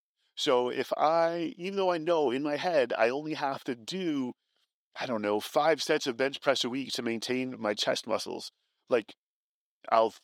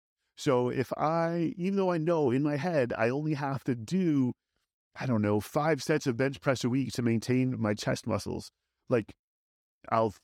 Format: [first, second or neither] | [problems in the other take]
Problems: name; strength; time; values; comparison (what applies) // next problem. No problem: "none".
second | thin; somewhat; fading below 350 Hz